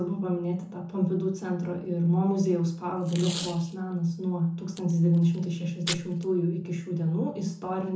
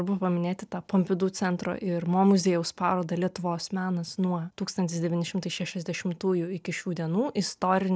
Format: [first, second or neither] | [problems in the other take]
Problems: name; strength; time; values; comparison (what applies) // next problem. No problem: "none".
second | background sound (Packing tape, duct tape); 14 dB below the speech // room echo; dies away in 0.6 s